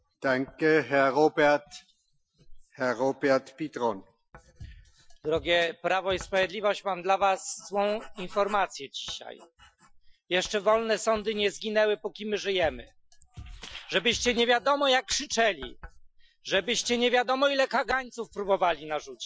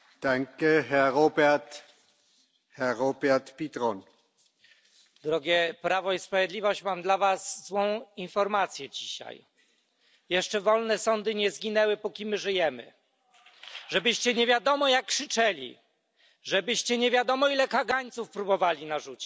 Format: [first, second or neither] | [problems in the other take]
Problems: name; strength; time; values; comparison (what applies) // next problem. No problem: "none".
second | noise reduction (classical method Wiener filter)